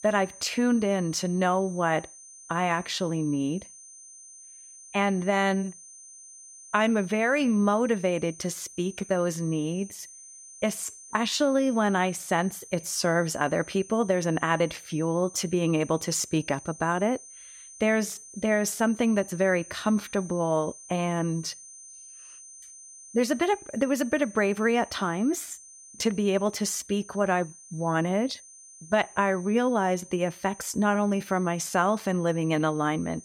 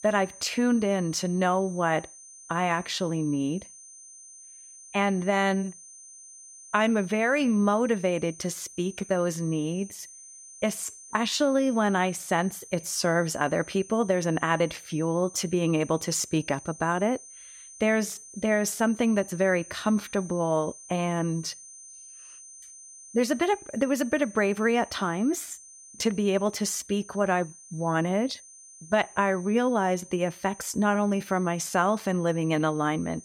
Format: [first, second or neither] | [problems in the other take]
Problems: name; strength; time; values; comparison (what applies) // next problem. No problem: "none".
neither | high-pitched whine; noticeable; throughout; 6 kHz, 20 dB below the speech; the same in both